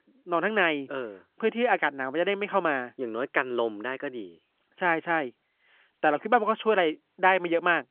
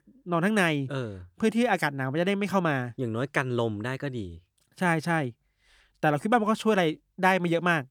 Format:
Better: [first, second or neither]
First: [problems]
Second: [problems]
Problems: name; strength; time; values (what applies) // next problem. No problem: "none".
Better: second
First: phone-call audio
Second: none